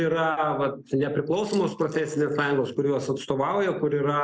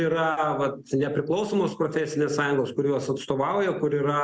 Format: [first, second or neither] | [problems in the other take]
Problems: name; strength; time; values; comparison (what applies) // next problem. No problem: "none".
second | noise reduction (neural mask model Resemble Enhance denoiser)